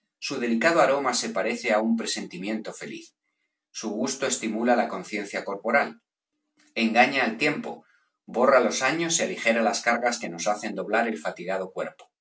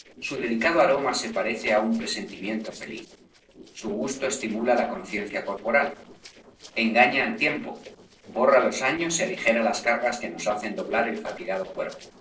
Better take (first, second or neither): first